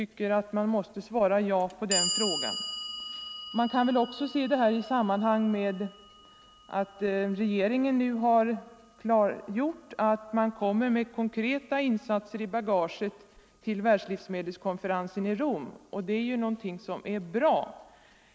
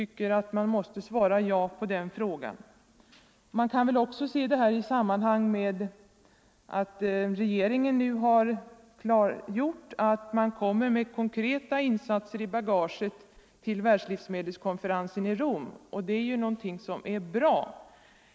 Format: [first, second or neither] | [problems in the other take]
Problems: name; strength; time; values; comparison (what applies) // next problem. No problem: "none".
second | background sound (Clock); 13 dB below the speech